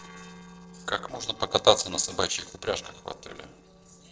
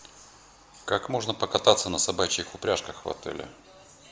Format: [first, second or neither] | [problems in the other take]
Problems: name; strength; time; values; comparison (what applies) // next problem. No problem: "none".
second | noise reduction (neural separator model SepFormer DNS4)